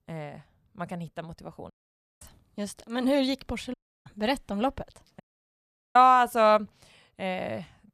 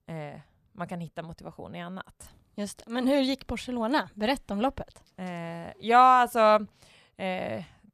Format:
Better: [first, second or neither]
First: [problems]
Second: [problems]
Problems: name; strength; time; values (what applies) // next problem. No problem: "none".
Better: second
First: audio cutting out; at 1.5 s for 0.5 s, at 3.5 s and at 5 s for 1 s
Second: none